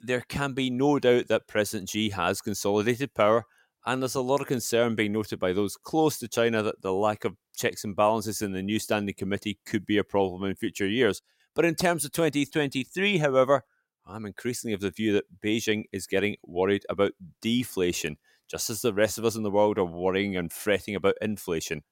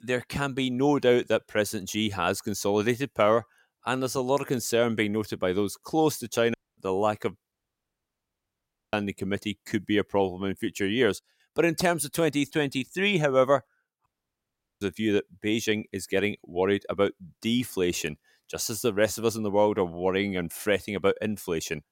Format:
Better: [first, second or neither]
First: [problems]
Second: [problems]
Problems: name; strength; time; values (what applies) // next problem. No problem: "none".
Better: first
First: none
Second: audio cutting out; at 6.5 s, at 7.5 s for 1.5 s and at 14 s for 1 s